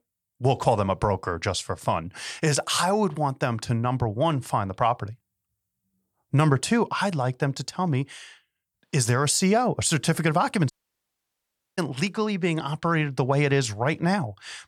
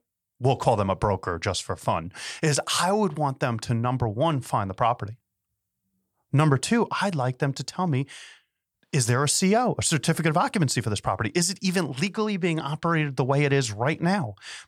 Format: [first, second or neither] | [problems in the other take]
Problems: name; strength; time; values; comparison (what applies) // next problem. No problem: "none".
second | audio cutting out; at 11 s for 1 s